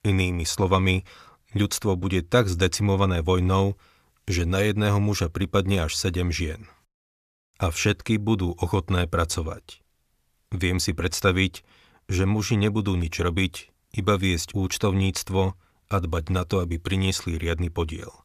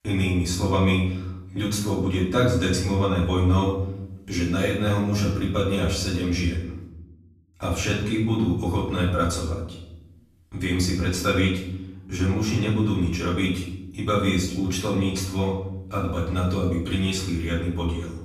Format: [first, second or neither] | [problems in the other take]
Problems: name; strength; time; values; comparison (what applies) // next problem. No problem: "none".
first | room echo; noticeable; dies away in 0.8 s // off-mic speech; far